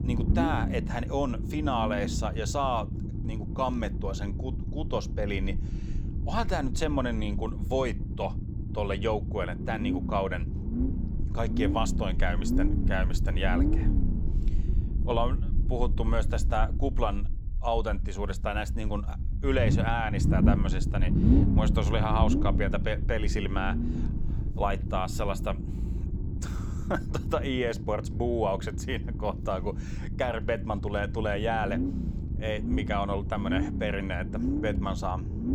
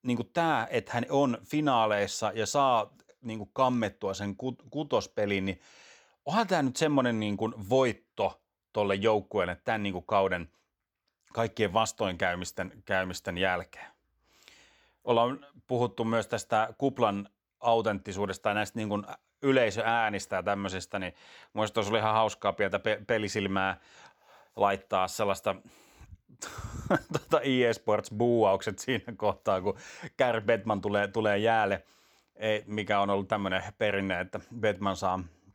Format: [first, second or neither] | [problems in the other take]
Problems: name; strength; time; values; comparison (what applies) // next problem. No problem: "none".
second | low rumble; loud; throughout; 8 dB below the speech